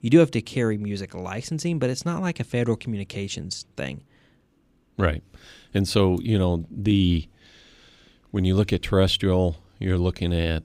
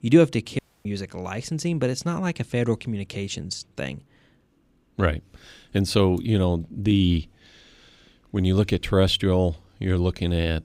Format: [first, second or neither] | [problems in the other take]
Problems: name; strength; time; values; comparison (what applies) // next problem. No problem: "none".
first | audio cutting out; at 0.5 s